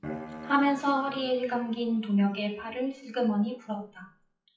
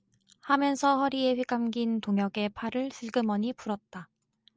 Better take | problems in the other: second | noise reduction (classical method WPE with log-MMSE)

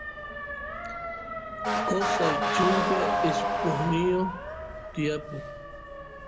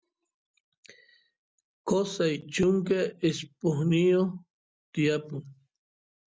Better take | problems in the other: second | background sound (Motor vehicle (road) / Siren); 2 dB above the speech

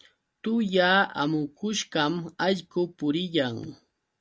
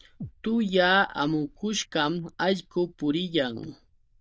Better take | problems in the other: first | noise reduction (neural diffusion model UNIVERSE++)

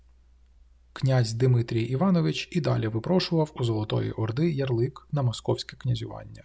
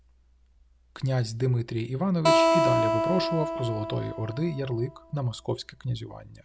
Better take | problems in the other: first | background sound (Acoustic guitar); 3 dB above the speech

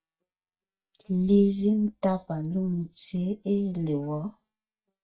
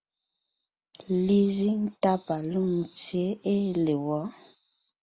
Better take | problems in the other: second | noise reduction (neural mask model DeepFilterNet 3)

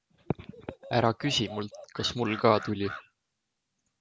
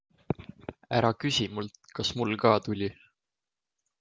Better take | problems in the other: second | background sound (Animal); 16 dB below the speech

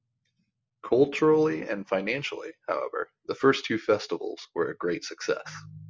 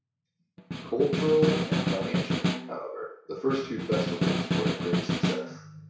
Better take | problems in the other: first | background sound (Snare drum); 2 dB above the speech // room echo; dies away in 0.6 s

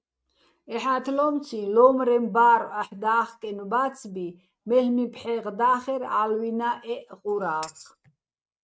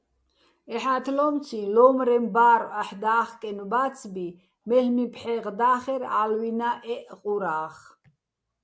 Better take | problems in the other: second | noise reduction (neural mask model RNNoise)

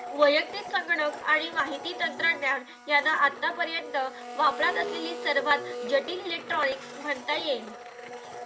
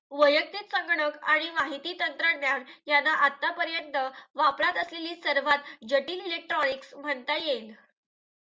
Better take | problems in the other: second | background sound (Domestic sounds, home sounds); 11 dB below the speech

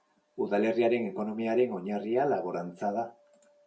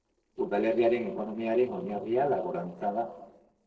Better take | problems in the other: first | noise reduction (neural separator model SepFormer DNS4)

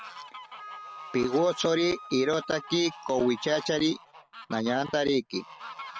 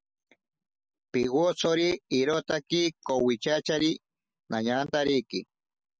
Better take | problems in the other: second | background sound (Wind instrument, woodwind instrument + Fowl); 15 dB below the speech

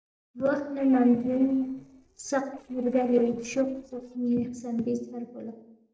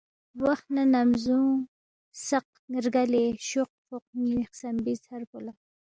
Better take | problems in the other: second | noise reduction (neural separator model SepFormer DNS4)

